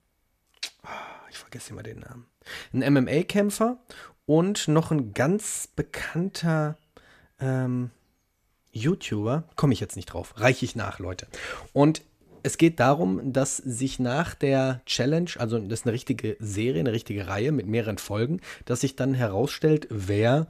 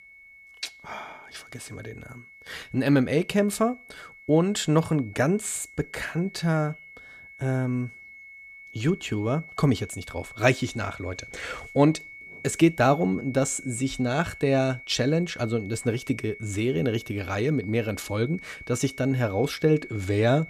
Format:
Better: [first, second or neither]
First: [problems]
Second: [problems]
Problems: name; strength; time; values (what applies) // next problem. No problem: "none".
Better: first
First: none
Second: high-pitched whine; noticeable; throughout; 2 kHz, 15 dB below the speech